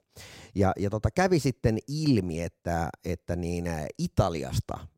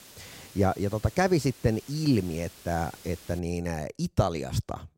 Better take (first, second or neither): first